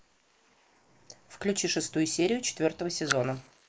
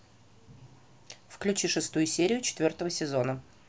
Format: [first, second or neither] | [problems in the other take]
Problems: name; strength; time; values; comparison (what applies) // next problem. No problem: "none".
second | noise reduction (neural mask model Resemble Enhance denoiser)